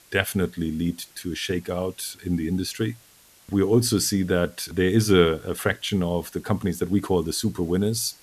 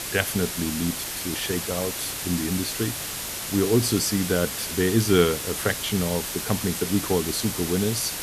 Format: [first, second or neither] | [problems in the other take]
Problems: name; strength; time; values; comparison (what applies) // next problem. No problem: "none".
first | hiss; loud; throughout; 4 dB below the speech; faint in the first